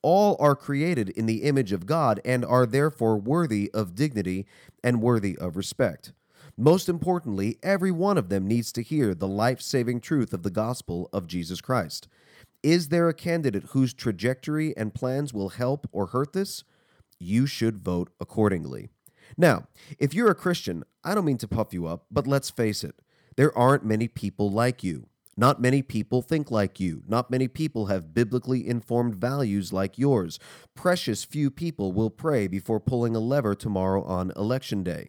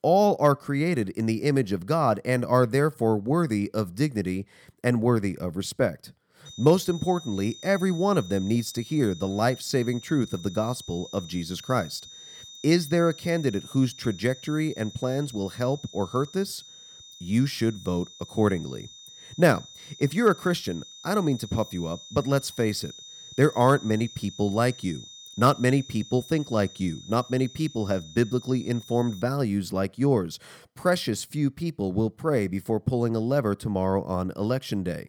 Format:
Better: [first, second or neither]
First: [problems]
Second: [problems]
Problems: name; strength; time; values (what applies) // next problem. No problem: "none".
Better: first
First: none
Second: high-pitched whine; noticeable; from 6.5 to 29 s; 3.5 kHz, 15 dB below the speech